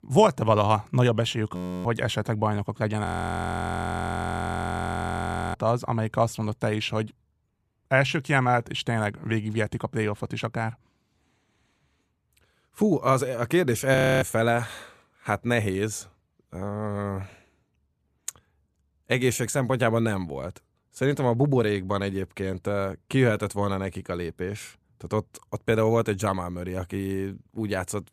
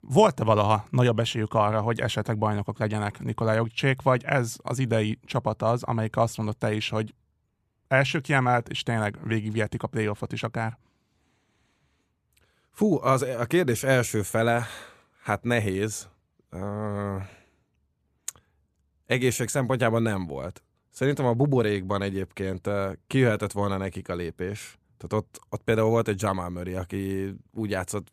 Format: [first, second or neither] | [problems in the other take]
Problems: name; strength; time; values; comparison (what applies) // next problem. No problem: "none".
second | audio freezing; at 1.5 s, at 3 s for 2.5 s and at 14 s